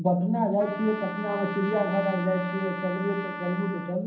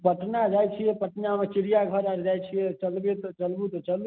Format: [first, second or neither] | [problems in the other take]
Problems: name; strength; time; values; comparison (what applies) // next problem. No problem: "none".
second | background sound (Trumpet); 10 dB below the speech // room echo; dies away in 0.6 s